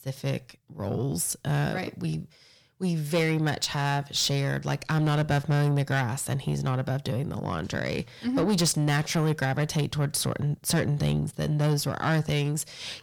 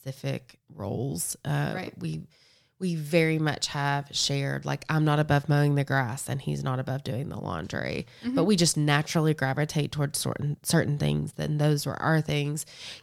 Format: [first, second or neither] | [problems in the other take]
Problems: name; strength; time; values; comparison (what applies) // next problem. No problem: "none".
second | distortion; slight; 10 dB below the speech